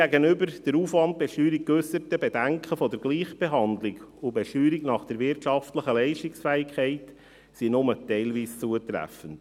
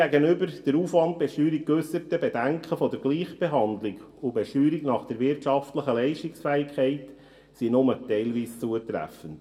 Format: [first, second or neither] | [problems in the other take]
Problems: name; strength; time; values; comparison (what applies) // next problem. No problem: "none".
first | room echo; dies away in 0.4 s